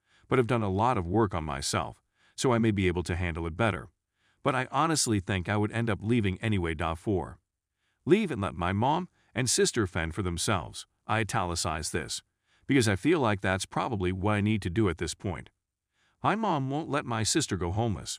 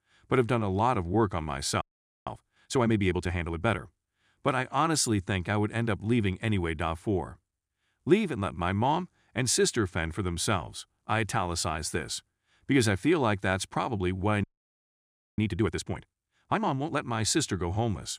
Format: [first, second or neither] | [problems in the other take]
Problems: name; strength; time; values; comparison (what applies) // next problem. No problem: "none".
first | audio freezing; at 2 s and at 14 s for 1 s